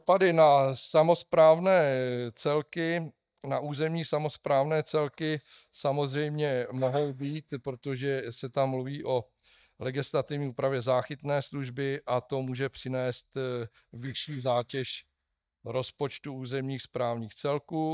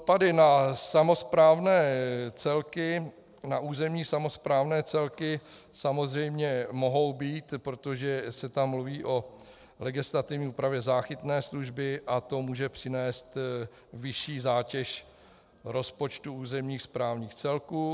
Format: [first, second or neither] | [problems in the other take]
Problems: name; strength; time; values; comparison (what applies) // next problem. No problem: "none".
second | noise reduction (neural mask model DeepFilterNet 3)